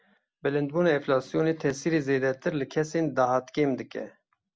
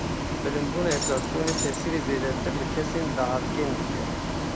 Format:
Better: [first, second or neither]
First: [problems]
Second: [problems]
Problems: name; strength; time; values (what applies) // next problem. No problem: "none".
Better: first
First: none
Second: background sound (Bus + Shatter); 2 dB above the speech